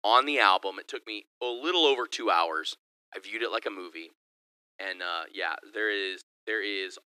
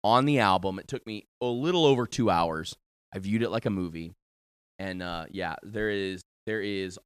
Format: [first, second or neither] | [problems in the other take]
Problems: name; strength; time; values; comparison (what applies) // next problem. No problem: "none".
second | thin; very; fading below 300 Hz